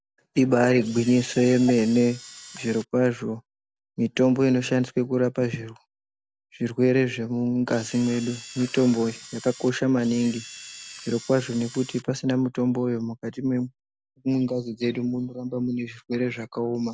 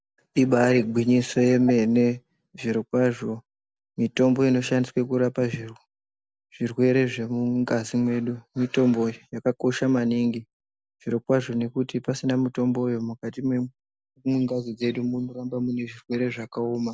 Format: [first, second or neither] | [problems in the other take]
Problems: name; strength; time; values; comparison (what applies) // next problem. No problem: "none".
second | background sound (Camera); 17 dB below the speech